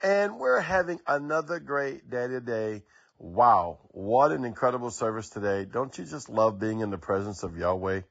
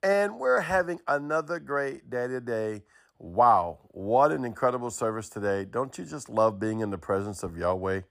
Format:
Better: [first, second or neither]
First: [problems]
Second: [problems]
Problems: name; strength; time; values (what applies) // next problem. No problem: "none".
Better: second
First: garbled, watery; badly; nothing above 7.5 kHz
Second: none